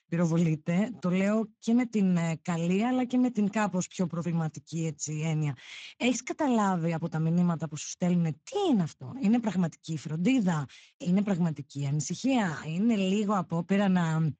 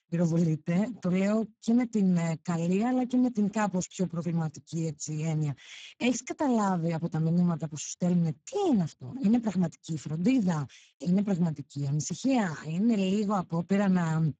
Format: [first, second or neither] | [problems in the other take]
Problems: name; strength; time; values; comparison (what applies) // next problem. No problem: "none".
first | garbled, watery; badly; nothing above 7.5 kHz; slightly in the first